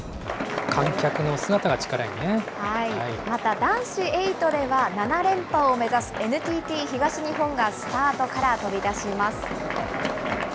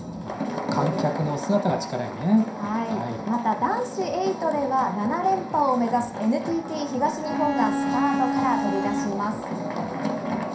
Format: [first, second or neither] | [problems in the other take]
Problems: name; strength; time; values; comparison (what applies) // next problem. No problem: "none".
first | background sound (Bowed string instrument); 2 dB below the speech // room echo; dies away in 0.5 s